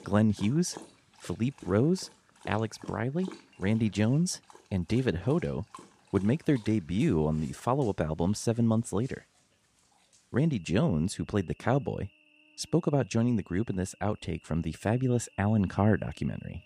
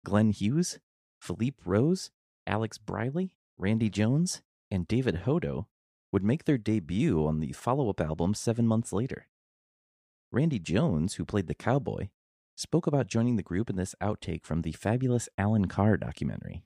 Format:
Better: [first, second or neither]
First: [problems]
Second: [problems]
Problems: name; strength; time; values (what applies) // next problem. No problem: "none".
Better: second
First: animal sounds; faint; throughout; 25 dB below the speech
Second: none